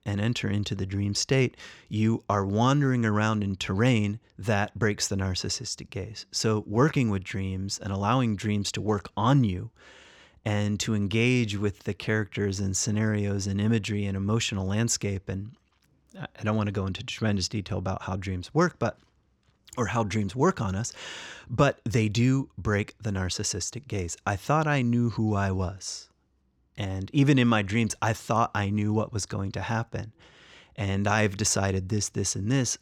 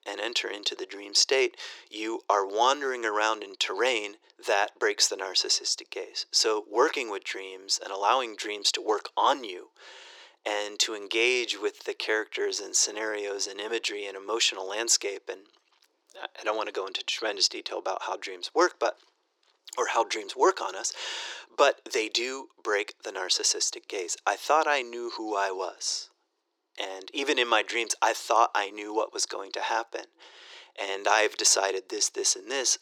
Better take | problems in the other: first | thin; very; fading below 350 Hz

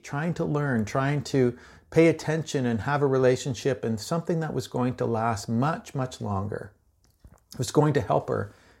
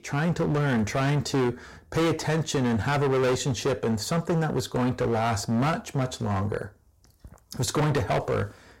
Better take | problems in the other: first | distortion; heavy; 18% of the sound clipped

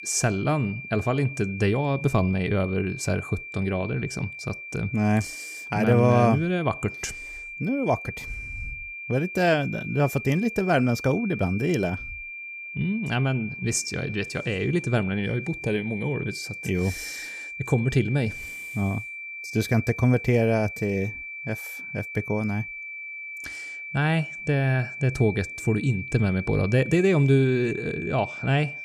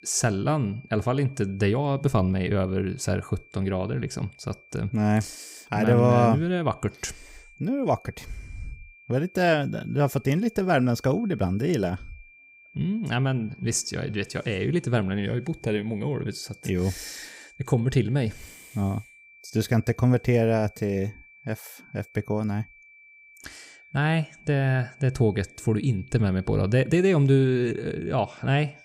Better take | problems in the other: second | high-pitched whine; loud; throughout; 2.5 kHz, 10 dB below the speech; faint in the second

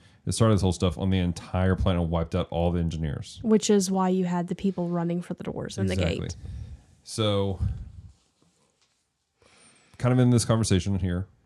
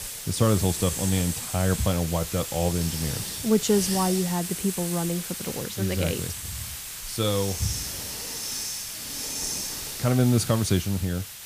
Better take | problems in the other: first | hiss; loud; throughout; 5 dB below the speech

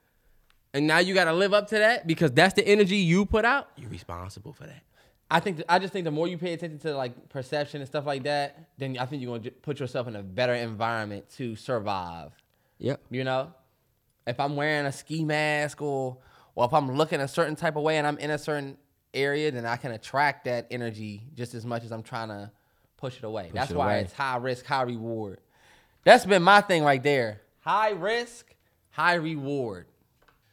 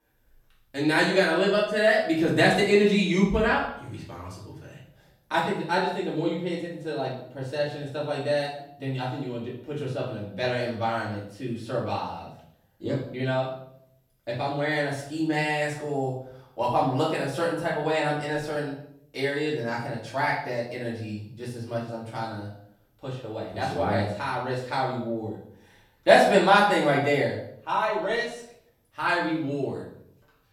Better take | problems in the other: first | off-mic speech; far // room echo; noticeable; dies away in 0.5 s

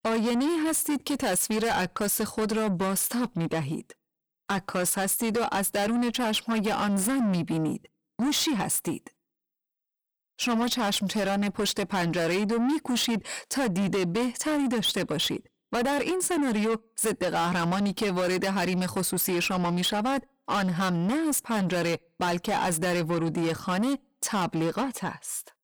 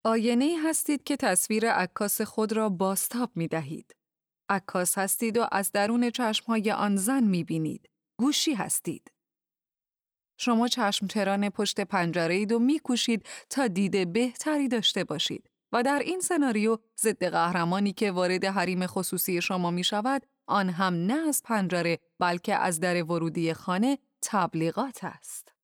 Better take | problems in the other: second | distortion; heavy; 8 dB below the speech

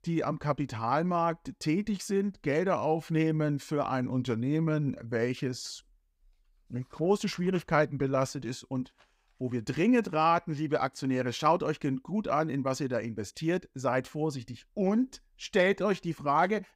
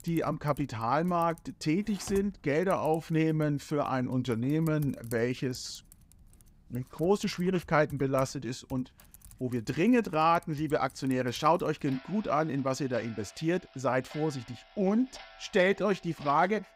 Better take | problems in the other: first | household noises; faint; throughout; 25 dB below the speech

